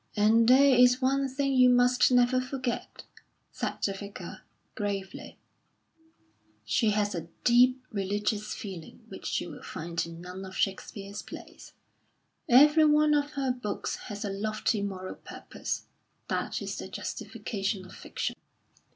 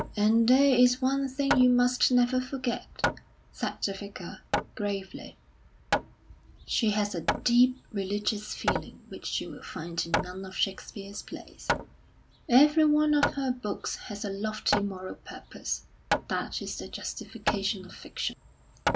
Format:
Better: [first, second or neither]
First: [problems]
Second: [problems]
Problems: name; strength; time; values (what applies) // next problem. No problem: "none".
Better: first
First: none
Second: background sound (Hammer); 7 dB below the speech